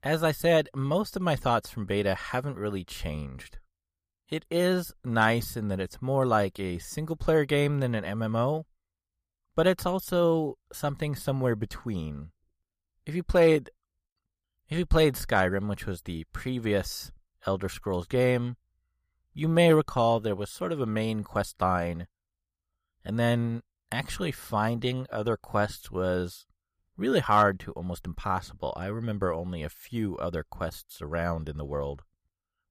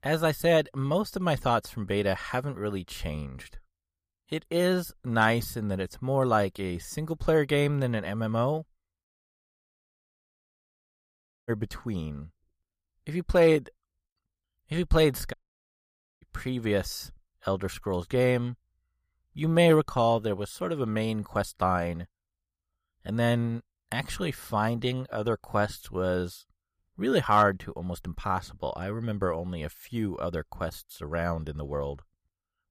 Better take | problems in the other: first | audio cutting out; at 9 s for 2.5 s and at 15 s for 1 s

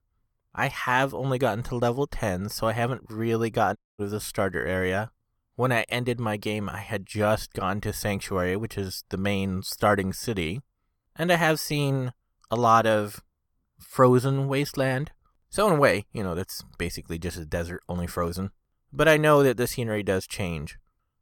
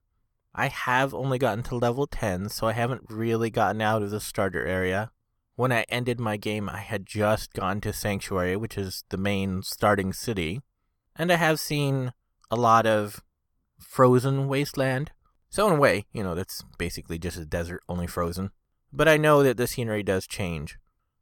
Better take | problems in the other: second | audio cutting out; at 4 s

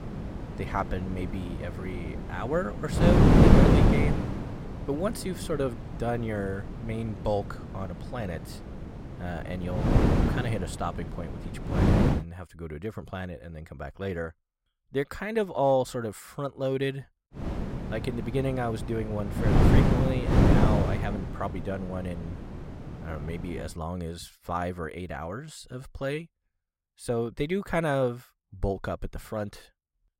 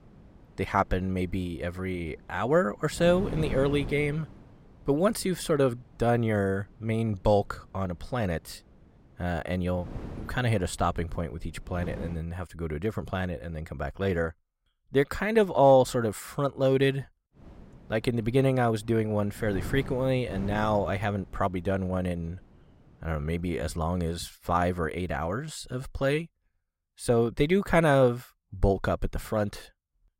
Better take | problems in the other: second | wind noise on the microphone; heavy; until 12 s and from 17 to 24 s; 3 dB above the speech; occasional gusts in the second

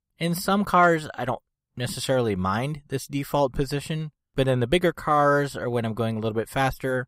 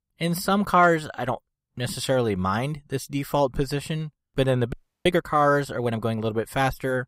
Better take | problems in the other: first | audio freezing; at 4.5 s

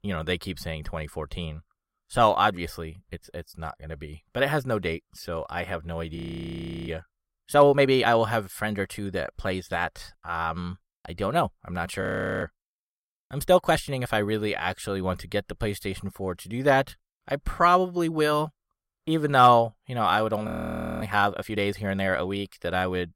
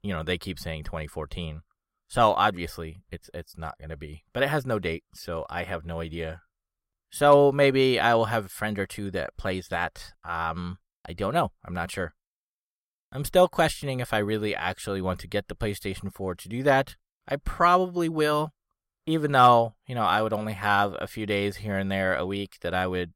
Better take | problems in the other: second | audio freezing; at 6 s for 0.5 s, at 12 s and at 20 s for 0.5 s

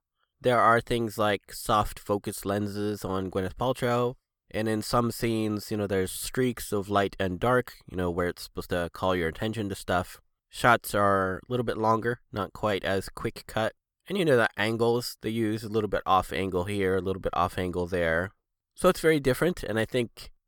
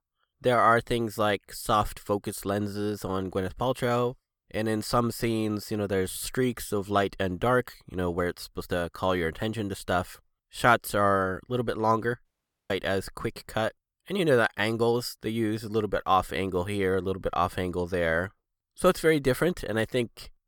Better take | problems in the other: first | audio cutting out; at 12 s

